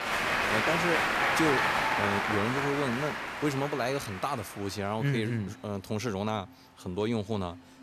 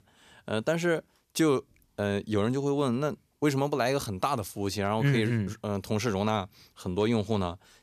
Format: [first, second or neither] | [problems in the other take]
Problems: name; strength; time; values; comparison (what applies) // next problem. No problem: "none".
second | crowd noise; very loud; throughout; 4 dB above the speech